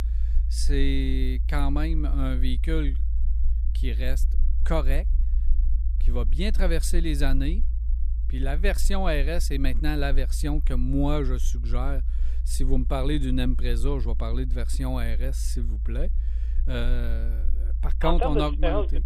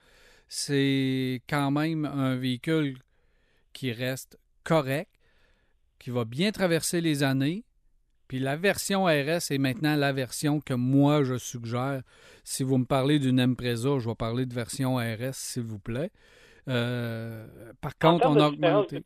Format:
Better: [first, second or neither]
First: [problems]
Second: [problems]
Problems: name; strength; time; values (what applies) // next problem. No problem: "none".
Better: second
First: low rumble; noticeable; throughout; 20 dB below the speech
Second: none